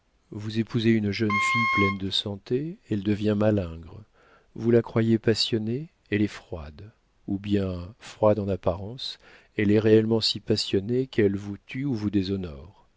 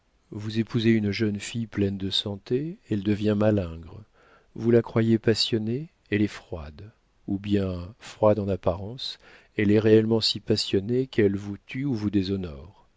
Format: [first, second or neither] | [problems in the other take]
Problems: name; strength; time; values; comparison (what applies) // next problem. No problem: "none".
second | background sound (Wind instrument, woodwind instrument); 1 dB below the speech